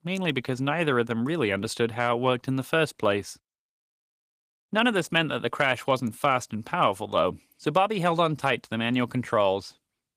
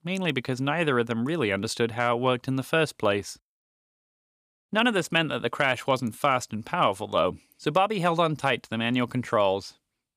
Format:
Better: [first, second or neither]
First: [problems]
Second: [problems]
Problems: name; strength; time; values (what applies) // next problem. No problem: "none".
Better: second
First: garbled, watery; slightly; nothing above 15 kHz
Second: none